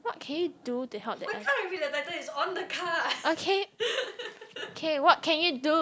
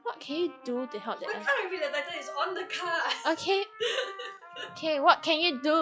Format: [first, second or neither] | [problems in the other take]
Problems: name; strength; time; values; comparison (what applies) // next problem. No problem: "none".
first | noise reduction (classical method log-MMSE)